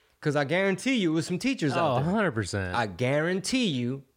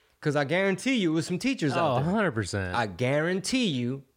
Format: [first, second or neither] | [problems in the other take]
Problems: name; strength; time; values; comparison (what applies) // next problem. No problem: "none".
neither | none